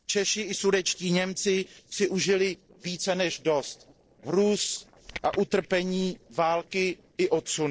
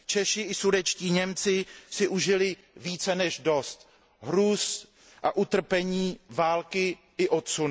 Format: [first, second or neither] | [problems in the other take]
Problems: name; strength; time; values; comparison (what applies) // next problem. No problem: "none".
second | noise reduction (neural separator model SepFormer DNS4)